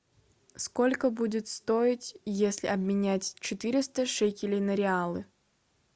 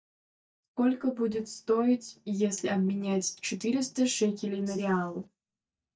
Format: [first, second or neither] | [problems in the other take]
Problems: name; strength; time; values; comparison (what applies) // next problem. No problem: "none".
first | noise reduction (neural mask model DeepFilterNet 3)